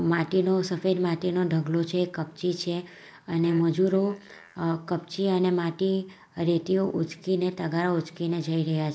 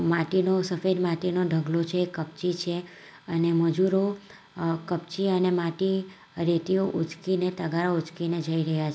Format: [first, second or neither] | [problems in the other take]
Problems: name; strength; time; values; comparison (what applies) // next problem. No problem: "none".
second | noise reduction (neural mask model Resemble Enhance denoiser)